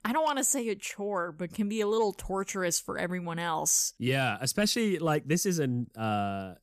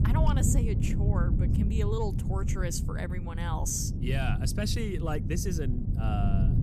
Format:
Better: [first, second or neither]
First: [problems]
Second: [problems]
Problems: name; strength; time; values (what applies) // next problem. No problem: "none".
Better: first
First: none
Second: wind noise on the microphone; heavy; 6 dB below the speech